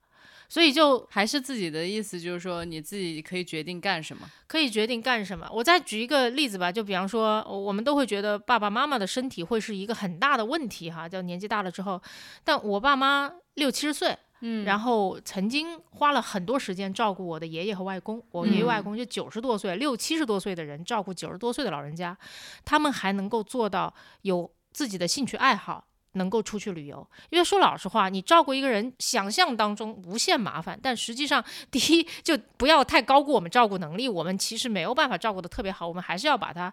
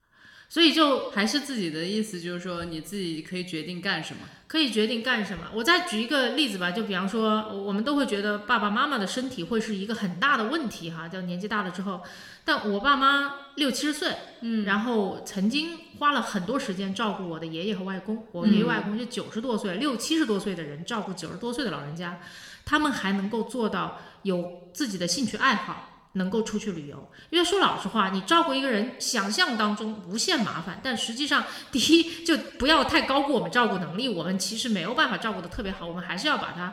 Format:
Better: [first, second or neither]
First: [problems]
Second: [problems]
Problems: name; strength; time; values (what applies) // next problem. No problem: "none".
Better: first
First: none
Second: room echo; very slight; dies away in 0.8 s